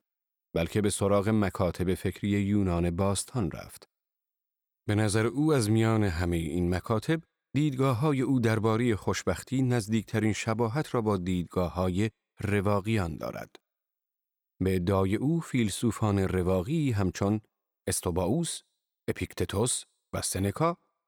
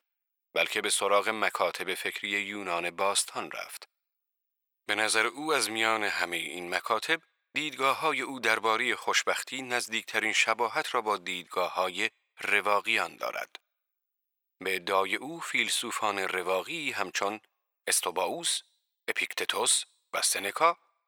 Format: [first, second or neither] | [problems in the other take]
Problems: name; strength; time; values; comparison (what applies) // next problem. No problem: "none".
first | thin; very; fading below 800 Hz